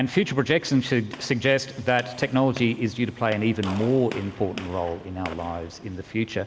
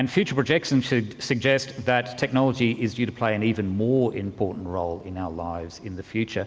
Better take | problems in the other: second | background sound (Gunshot, gunfire); 17 dB below the speech

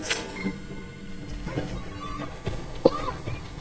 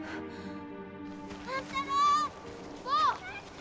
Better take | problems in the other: second | noise reduction (neural mask model DeepFilterNet 3)

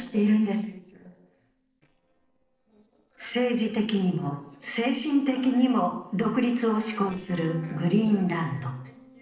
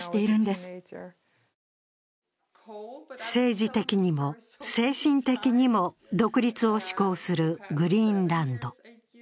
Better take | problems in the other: second | noise reduction (neural separator model SepFormer DNS4)

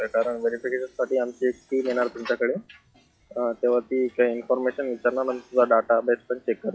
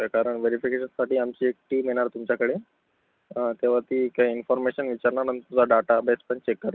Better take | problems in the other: second | noise reduction (classical method log-MMSE)

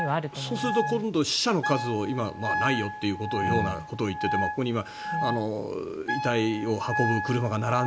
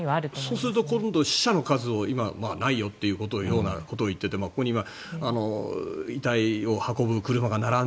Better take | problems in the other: second | background sound (Wind instrument, woodwind instrument); 4 dB below the speech

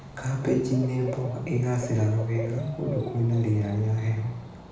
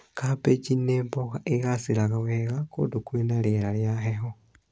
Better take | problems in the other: second | background sound (Cricket / Bird); 12 dB below the speech // room echo; dies away in 0.8 s

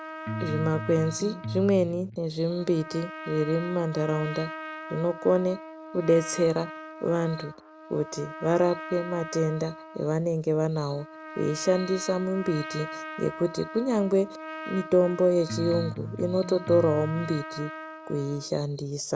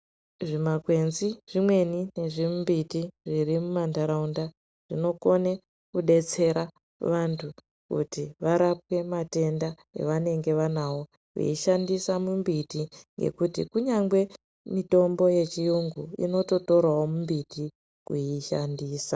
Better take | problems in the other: second | background sound (Trumpet + Electric guitar); 11 dB below the speech

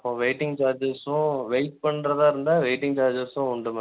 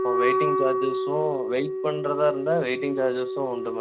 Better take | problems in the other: first | background sound (Wind instrument, woodwind instrument); as loud as the speech

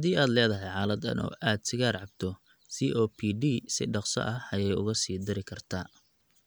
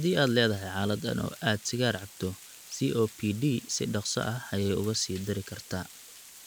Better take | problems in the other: first | background sound (Water); 19 dB below the speech

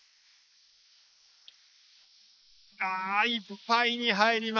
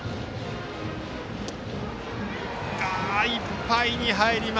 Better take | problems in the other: second | noise reduction (neural mask model Resemble Enhance denoiser)

